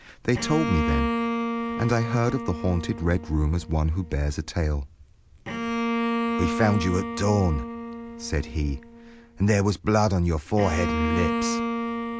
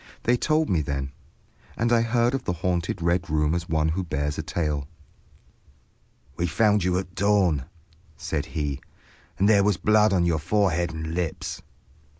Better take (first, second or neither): second